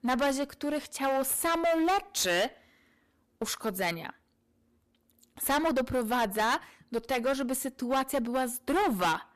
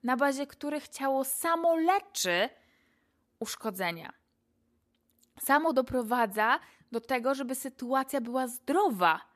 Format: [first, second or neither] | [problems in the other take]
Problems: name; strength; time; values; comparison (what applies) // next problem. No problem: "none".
second | distortion; heavy; 12% of the sound clipped